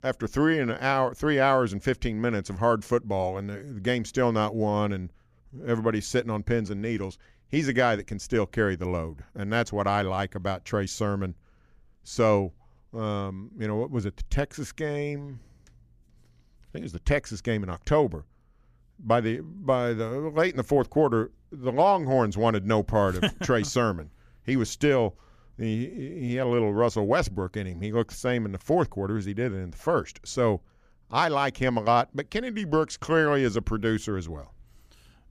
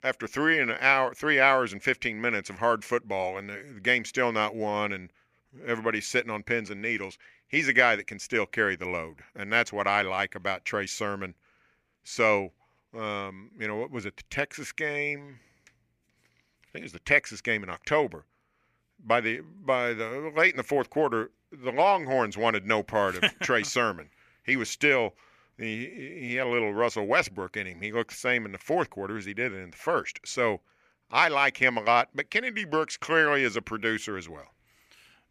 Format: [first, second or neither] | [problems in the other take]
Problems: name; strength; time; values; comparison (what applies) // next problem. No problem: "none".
first | thin; somewhat; fading below 450 Hz